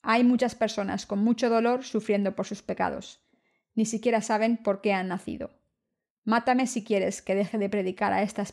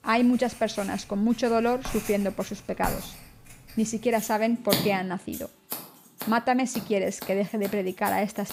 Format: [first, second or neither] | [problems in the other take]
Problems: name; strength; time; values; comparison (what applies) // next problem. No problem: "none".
first | household noises; noticeable; throughout; 10 dB below the speech